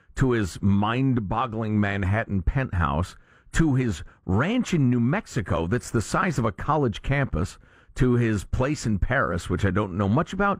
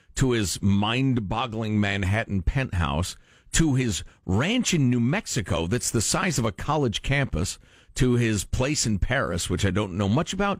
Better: second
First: muffled; slightly; fading above 2 kHz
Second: none

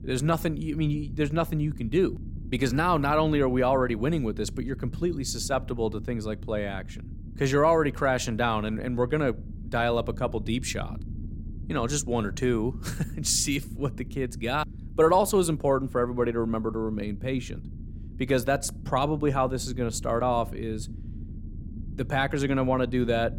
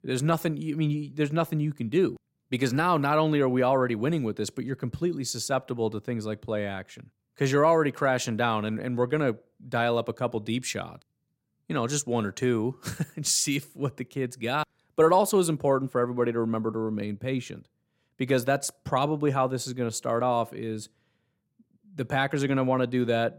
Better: second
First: low rumble; faint; throughout; 25 dB below the speech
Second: none

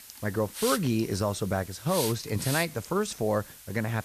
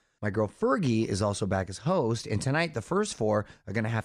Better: second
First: hiss; loud; throughout; 8 dB below the speech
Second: none

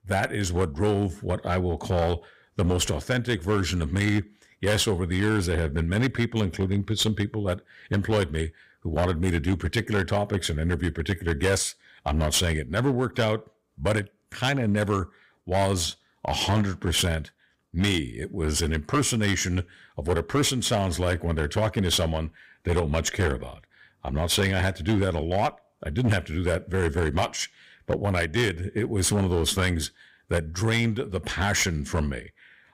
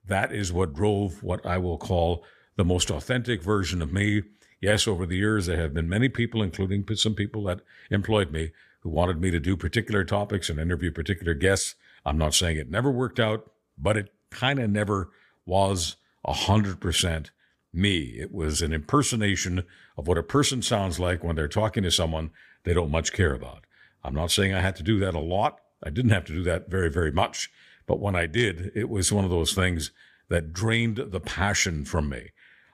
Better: second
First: distortion; slight; 8% of the sound clipped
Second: none

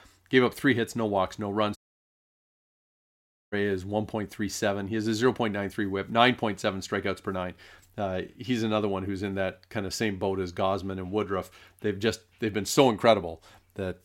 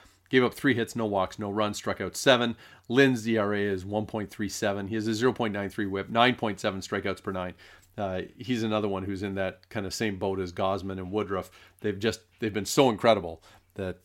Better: second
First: audio cutting out; at 2 s for 2 s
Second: none

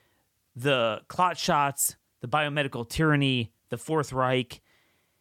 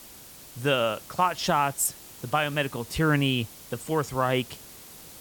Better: first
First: none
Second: hiss; noticeable; throughout; 15 dB below the speech

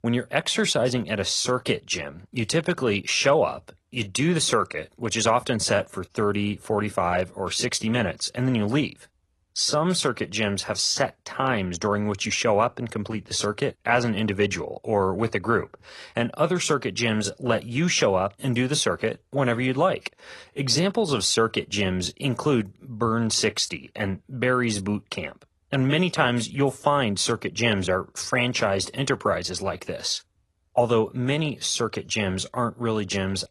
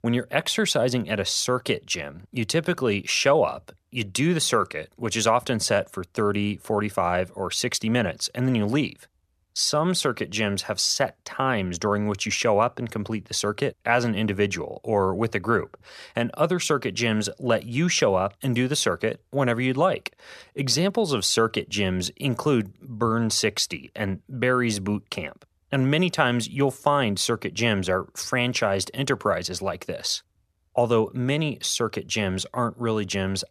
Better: second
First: garbled, watery; slightly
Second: none

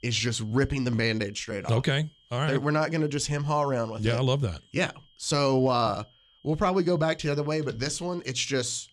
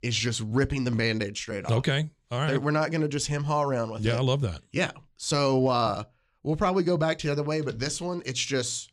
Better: second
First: high-pitched whine; faint; throughout; 3 kHz, 30 dB below the speech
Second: none

